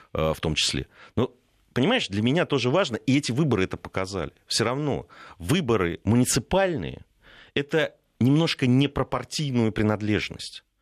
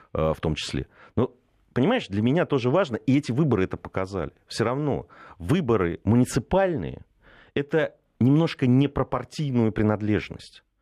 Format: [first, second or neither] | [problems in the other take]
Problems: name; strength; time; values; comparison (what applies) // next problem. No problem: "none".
first | muffled; slightly; fading above 2 kHz